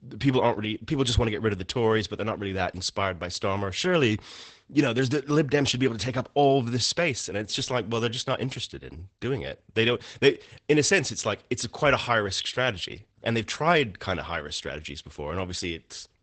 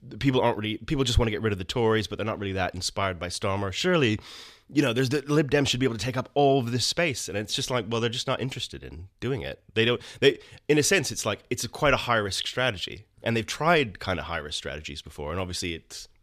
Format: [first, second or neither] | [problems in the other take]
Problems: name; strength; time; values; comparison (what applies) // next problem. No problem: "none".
second | garbled, watery; badly; nothing above 8 kHz